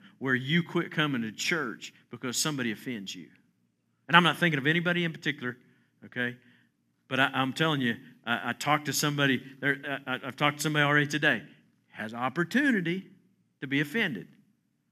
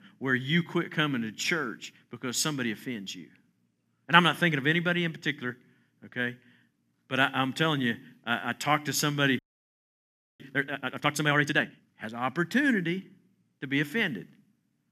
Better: first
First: none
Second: audio freezing; at 9.5 s for 1 s

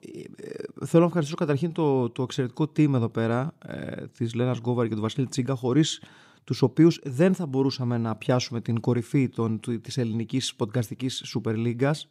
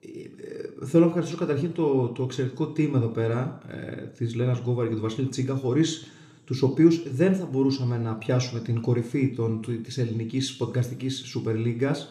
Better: first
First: none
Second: room echo; very slight; dies away in 0.6 s

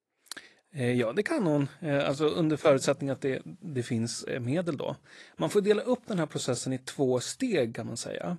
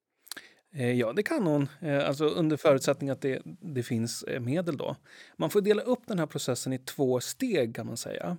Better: second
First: garbled, watery; slightly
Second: none

